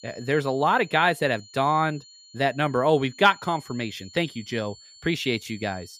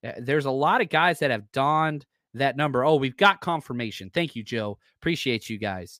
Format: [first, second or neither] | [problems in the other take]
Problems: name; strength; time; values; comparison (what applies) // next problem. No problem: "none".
second | high-pitched whine; faint; throughout; 4.5 kHz, 20 dB below the speech